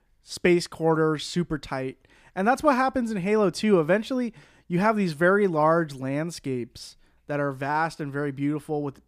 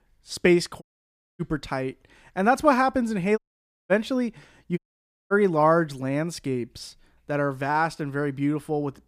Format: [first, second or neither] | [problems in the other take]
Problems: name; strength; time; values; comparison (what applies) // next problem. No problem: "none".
first | audio cutting out; at 1 s for 0.5 s, at 3.5 s for 0.5 s and at 5 s for 0.5 s